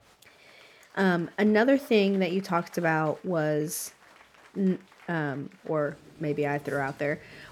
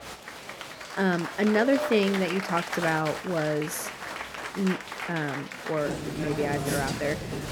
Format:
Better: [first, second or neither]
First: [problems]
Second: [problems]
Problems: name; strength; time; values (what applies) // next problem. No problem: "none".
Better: first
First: crowd noise; faint; throughout; 25 dB below the speech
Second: crowd noise; loud; throughout; 6 dB below the speech